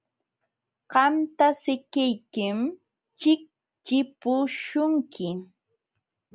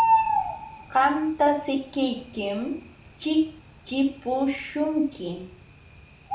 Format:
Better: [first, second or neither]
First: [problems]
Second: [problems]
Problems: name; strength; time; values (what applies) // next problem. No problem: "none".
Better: first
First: none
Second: background sound (Bird); 4 dB below the speech // room echo; dies away in 0.5 s